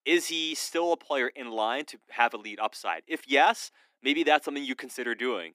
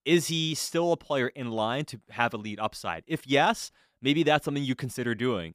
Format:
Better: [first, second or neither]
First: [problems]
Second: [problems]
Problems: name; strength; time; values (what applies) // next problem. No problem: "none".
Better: second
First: thin; somewhat; fading below 250 Hz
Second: none